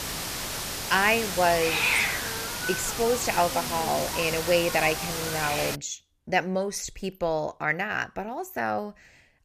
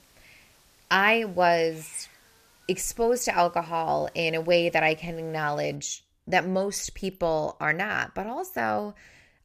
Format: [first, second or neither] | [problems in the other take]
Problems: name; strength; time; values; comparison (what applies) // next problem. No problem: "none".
second | hiss; loud; until 6 s; 2 dB below the speech; faint in the second